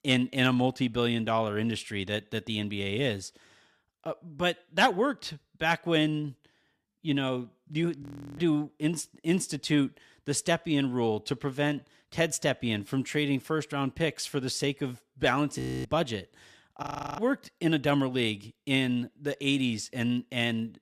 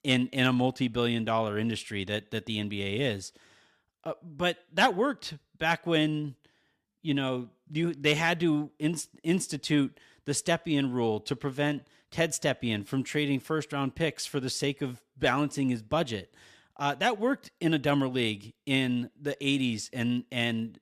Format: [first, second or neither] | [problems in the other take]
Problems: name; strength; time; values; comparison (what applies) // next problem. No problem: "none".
second | audio freezing; at 8 s, at 16 s and at 17 s